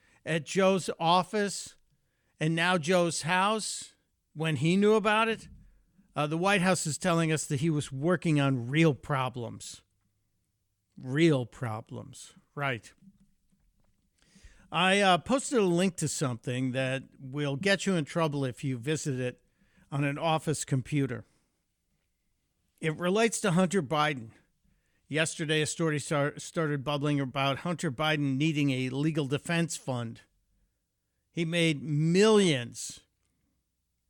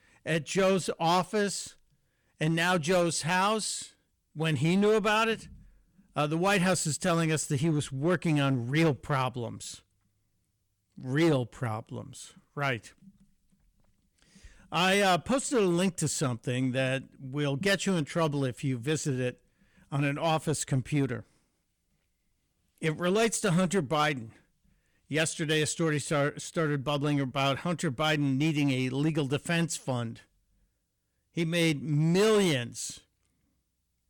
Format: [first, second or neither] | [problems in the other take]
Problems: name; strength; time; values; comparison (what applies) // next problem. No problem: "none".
first | distortion; slight; 5% of the sound clipped